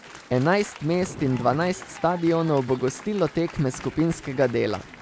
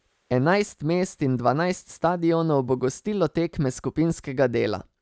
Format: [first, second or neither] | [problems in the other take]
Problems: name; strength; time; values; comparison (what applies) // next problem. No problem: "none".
second | background sound (Thunder + Applause); 16 dB below the speech